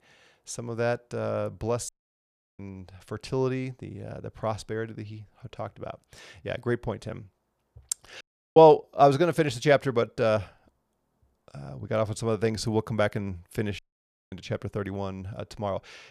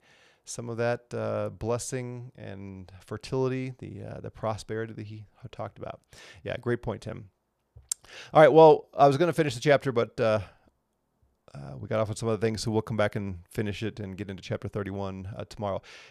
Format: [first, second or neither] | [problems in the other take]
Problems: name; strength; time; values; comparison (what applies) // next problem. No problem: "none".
second | audio cutting out; at 2 s for 0.5 s, at 8 s and at 14 s for 0.5 s